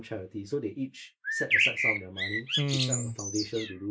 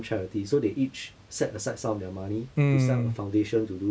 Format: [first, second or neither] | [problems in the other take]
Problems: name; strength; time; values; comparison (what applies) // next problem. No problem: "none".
second | noise reduction (neural mask model Resemble Enhance denoiser)